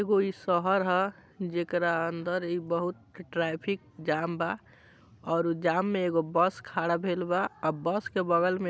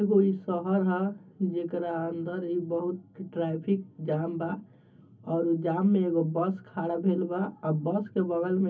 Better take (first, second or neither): first